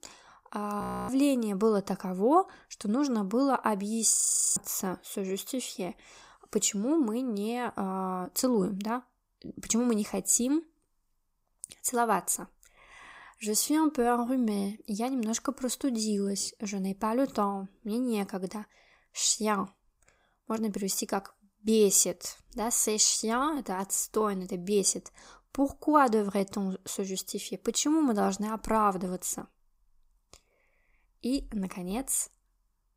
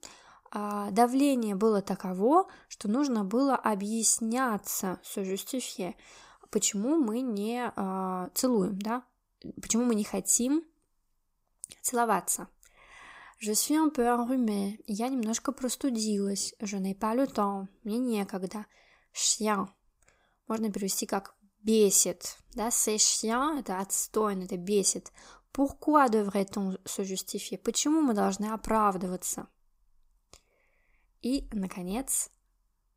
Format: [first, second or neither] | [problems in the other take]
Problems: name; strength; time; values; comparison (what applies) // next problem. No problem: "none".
second | audio freezing; at 1 s and at 4 s